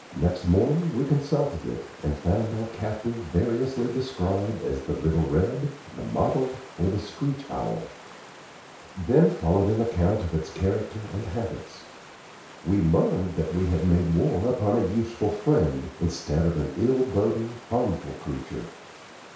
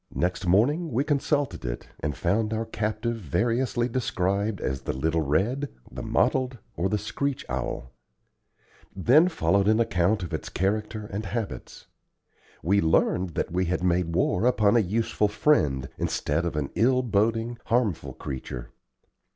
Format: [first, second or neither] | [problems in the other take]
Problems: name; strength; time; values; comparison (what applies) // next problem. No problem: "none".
second | background sound (Water); 19 dB below the speech // room echo; dies away in 0.6 s